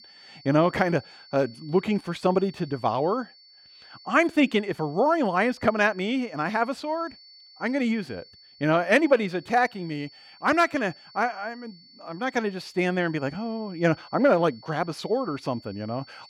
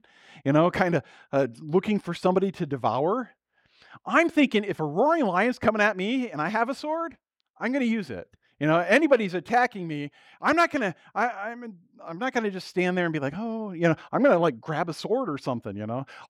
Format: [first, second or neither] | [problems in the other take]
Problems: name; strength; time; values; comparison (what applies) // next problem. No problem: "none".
second | high-pitched whine; faint; throughout; 4.5 kHz, 25 dB below the speech